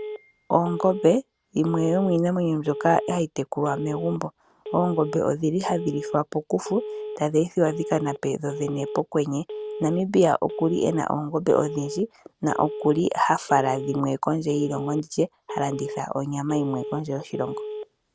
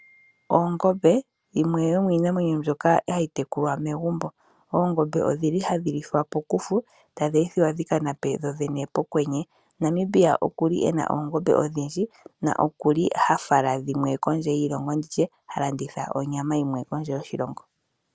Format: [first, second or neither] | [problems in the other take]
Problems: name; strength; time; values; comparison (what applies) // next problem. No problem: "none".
second | background sound (Telephone); 11 dB below the speech